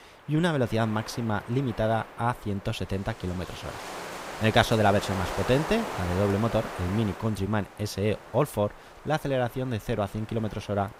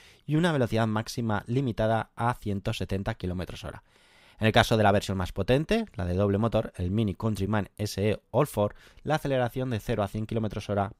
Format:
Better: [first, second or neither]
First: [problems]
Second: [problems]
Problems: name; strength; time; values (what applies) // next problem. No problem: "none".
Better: second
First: wind noise on the microphone; heavy; 8 dB below the speech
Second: none